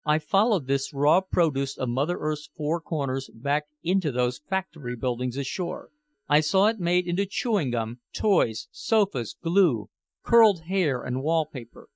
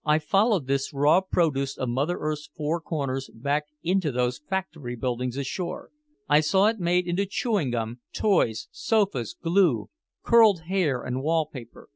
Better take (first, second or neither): second